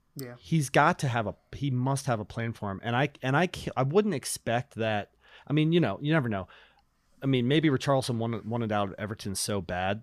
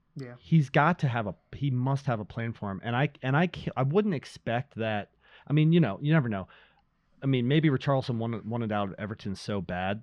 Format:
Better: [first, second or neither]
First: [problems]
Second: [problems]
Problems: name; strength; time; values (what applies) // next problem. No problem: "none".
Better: first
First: none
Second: muffled; slightly; fading above 3 kHz